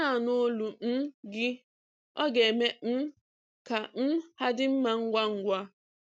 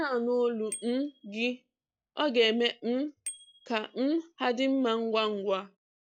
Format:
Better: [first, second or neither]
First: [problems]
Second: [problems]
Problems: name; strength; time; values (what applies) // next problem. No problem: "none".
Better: first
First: none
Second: noise reduction (classical method log-MMSE)